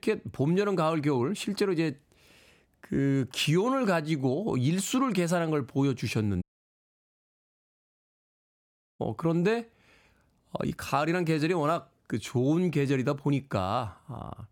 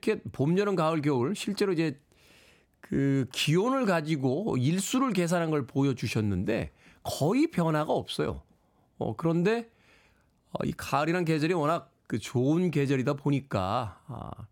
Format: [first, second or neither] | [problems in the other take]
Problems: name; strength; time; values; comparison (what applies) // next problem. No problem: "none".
second | audio cutting out; at 6.5 s for 2.5 s